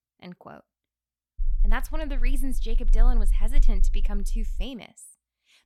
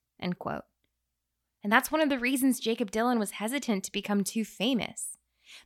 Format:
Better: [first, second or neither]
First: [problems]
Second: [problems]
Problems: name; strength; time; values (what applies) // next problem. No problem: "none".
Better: second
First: low rumble; noticeable; from 1.5 to 4.5 s; 20 dB below the speech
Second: none